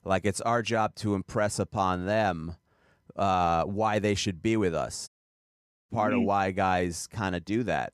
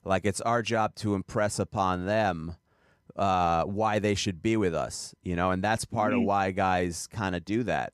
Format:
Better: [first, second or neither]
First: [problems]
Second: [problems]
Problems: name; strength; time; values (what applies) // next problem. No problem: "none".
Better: second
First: audio cutting out; at 5 s for 1 s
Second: none